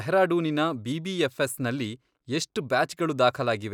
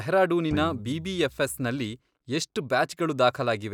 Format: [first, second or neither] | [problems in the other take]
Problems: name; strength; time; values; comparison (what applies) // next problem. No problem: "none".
first | background sound (Guitar); 13 dB below the speech